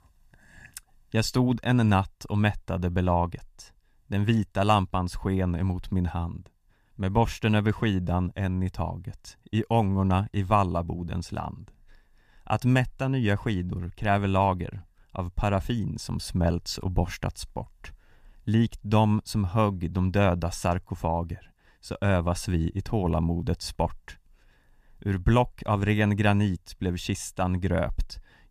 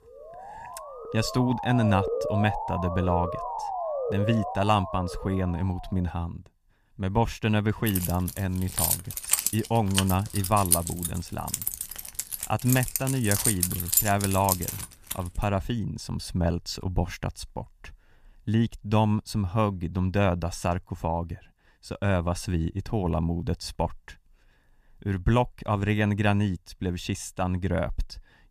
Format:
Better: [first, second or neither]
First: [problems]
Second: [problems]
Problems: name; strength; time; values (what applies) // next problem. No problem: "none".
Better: first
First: none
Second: siren; noticeable; until 6 s; peak 1 dB below the speech // jangling keys; loud; from 8 to 15 s; peak 5 dB above the speech